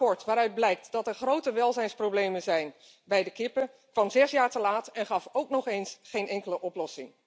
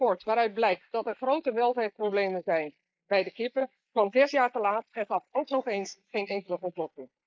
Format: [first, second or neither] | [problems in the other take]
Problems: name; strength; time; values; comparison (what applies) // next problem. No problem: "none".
first | noise reduction (neural mask model Resemble Enhance denoiser)